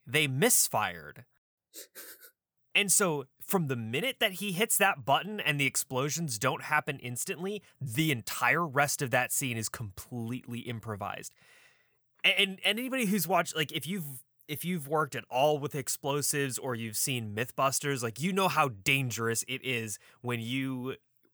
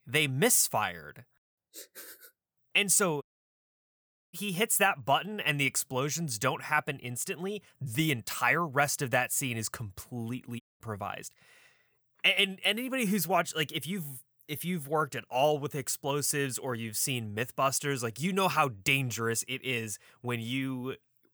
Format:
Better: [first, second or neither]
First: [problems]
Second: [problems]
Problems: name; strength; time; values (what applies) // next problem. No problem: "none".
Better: first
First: none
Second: audio cutting out; at 3 s for 1 s and at 11 s